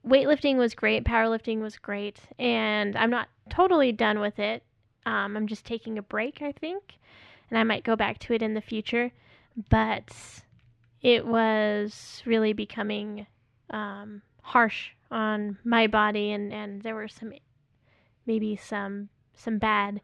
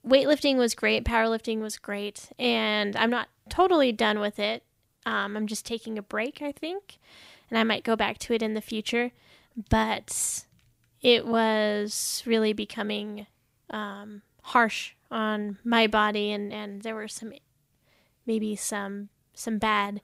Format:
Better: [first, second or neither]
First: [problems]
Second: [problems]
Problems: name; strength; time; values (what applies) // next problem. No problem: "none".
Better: second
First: muffled; slightly; fading above 2.5 kHz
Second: none